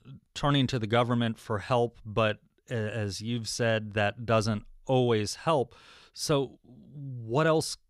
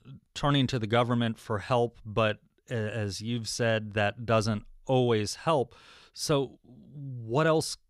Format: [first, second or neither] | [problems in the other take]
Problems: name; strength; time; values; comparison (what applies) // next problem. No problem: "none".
neither | none